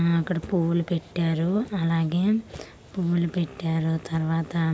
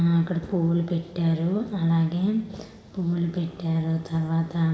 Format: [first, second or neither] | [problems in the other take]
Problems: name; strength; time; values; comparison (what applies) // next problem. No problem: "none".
first | room echo; dies away in 1.1 s